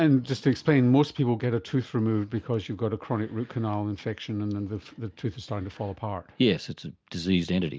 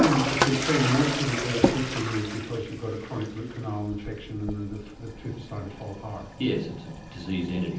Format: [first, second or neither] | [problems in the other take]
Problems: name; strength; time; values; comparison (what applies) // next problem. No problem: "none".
first | background sound (Toilet flush); 2 dB below the speech // room echo; dies away in 0.6 s